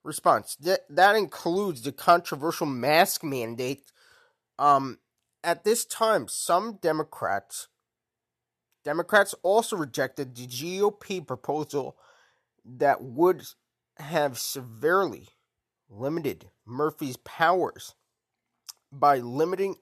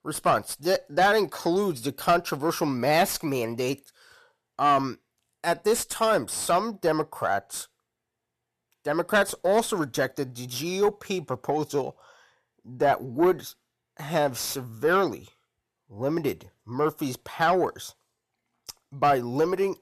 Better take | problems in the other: first | distortion; slight; 10 dB below the speech

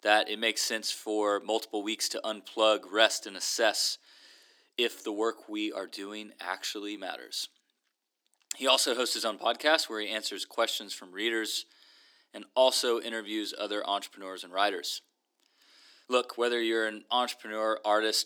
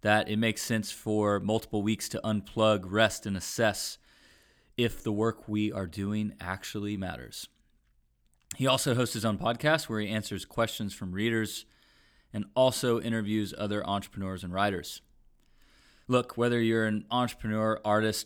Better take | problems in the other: second | thin; very; fading below 300 Hz

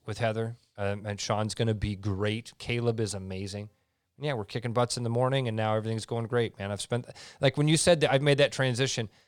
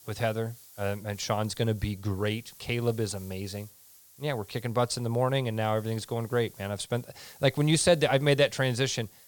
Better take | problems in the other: first | hiss; faint; throughout; 20 dB below the speech

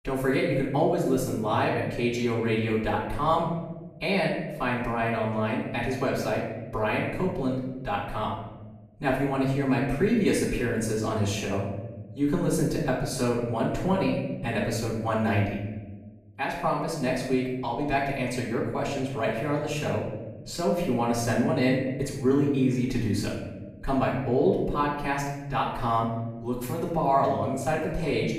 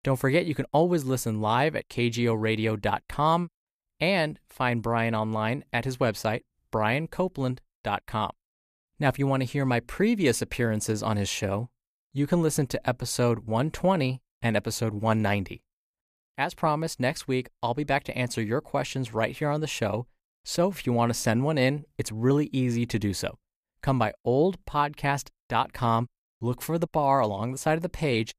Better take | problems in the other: second | off-mic speech; far // room echo; noticeable; dies away in 1.1 s

